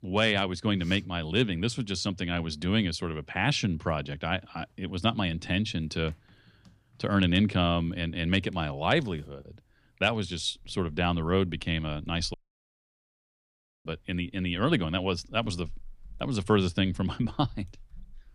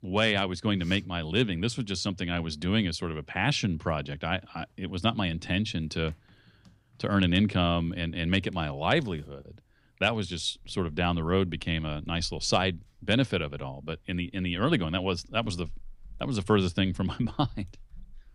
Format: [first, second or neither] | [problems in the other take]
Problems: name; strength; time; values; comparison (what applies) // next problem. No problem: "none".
second | audio cutting out; at 12 s for 1.5 s